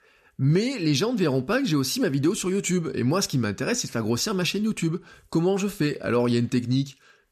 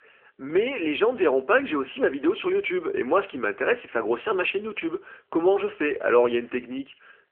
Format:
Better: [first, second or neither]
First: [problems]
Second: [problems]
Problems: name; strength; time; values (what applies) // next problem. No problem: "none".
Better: first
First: none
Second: phone-call audio; nothing above 3 kHz